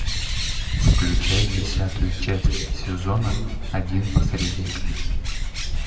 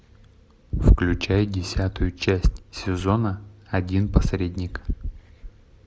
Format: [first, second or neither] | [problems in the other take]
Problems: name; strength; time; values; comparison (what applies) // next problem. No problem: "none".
second | background sound (Bird); 2 dB below the speech // room echo; dies away in 1.7 s